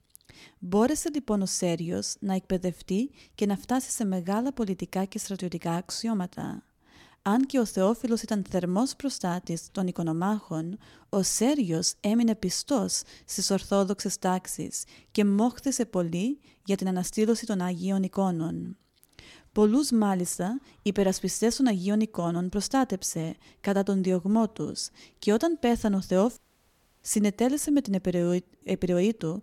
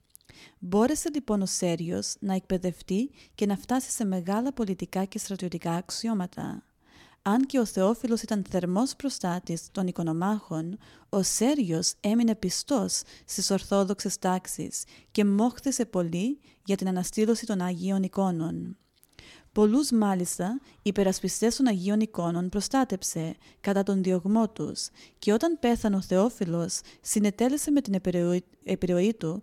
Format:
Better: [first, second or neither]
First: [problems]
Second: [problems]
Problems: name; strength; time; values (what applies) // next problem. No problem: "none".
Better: second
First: audio cutting out; at 26 s for 0.5 s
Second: none